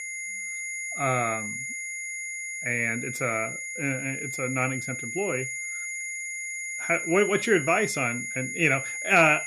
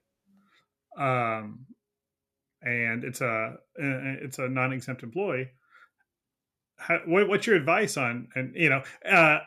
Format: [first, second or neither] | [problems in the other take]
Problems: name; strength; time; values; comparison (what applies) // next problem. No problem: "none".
second | high-pitched whine; loud; throughout; 2 kHz, 5 dB below the speech